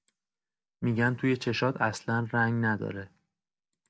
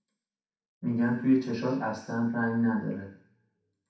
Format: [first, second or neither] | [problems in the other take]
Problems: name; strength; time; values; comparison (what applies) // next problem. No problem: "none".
first | room echo; dies away in 0.6 s